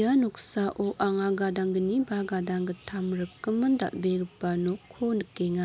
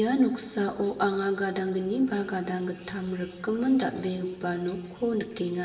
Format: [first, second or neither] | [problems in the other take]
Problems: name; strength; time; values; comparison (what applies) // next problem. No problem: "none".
first | room echo; dies away in 1.4 s